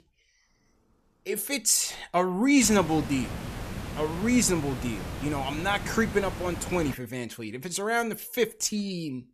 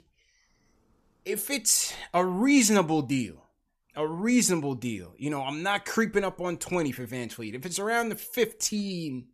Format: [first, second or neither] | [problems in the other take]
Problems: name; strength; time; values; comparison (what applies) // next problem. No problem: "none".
second | hiss; noticeable; from 2.5 to 7 s; 10 dB below the speech